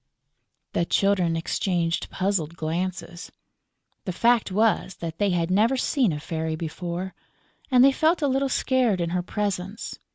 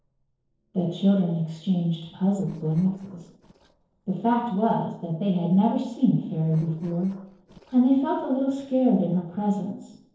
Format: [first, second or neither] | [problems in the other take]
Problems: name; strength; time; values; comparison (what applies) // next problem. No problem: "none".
first | noise reduction (neural separator model SepFormer DNS4)